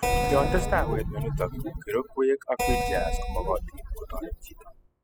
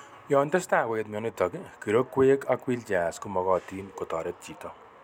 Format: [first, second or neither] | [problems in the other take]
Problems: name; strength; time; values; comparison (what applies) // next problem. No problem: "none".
second | noise reduction (classical method spectral subtraction)